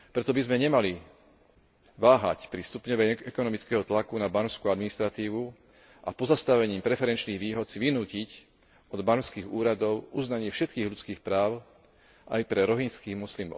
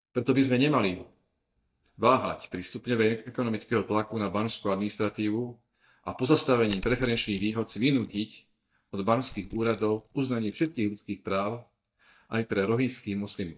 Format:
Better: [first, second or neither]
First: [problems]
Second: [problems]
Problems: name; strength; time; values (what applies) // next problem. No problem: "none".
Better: first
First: none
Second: noise reduction (neural mask model DeepFilterNet 3)